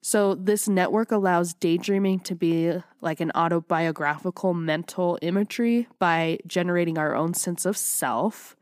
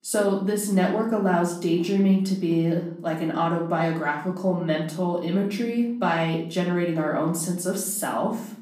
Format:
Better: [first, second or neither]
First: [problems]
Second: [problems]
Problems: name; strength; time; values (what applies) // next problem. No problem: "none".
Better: first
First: none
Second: room echo; slight; dies away in 0.5 s // off-mic speech; far